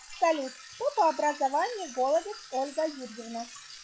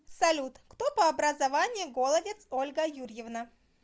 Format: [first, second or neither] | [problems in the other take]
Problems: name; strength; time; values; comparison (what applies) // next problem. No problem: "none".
second | noise reduction (classical method log-MMSE)